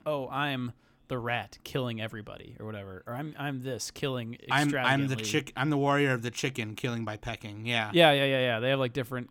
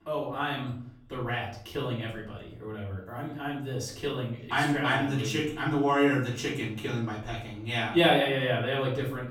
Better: first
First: none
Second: off-mic speech; far // room echo; noticeable; dies away in 0.5 s

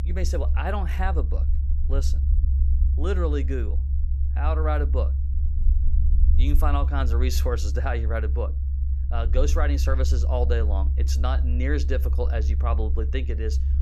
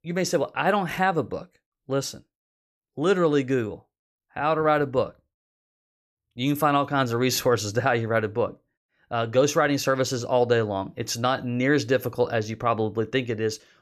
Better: second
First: low rumble; noticeable; throughout; 10 dB below the speech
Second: none

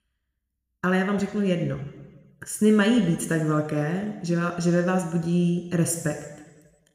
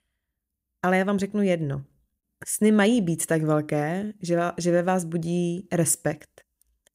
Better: second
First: room echo; slight; dies away in 1.1 s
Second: none

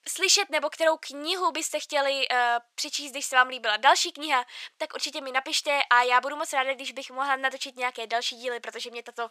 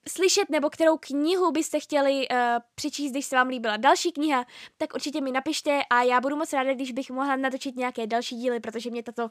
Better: second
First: thin; somewhat; fading below 700 Hz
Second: none

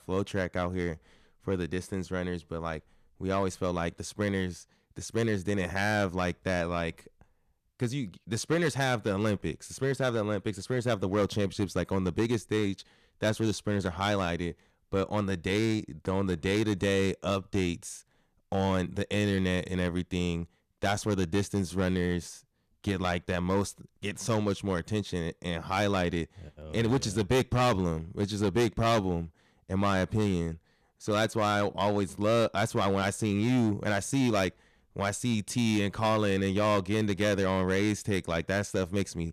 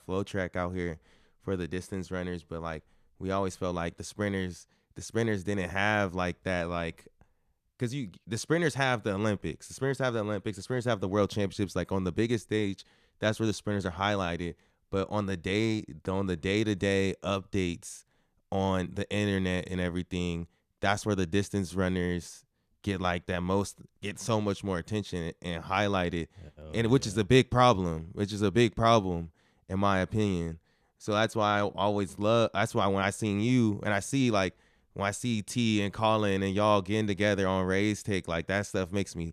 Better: second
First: distortion; slight; 5% of the sound clipped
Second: none

